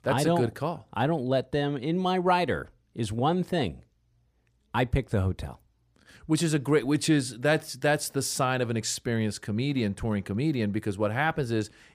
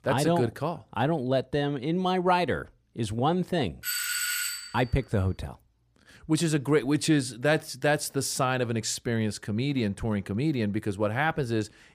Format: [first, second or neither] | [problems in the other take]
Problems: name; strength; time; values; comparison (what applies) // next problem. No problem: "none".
first | doorbell; loud; at 4 s; peak 1 dB above the speech